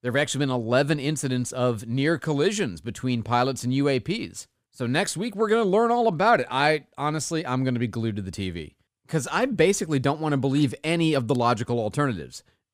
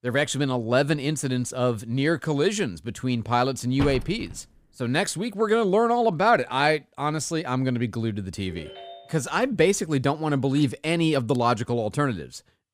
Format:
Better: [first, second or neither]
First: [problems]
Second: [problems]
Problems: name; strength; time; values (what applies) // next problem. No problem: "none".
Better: first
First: none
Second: door banging; noticeable; at 4 s; peak 8 dB below the speech // phone ringing; faint; at 8.5 s; peak 15 dB below the speech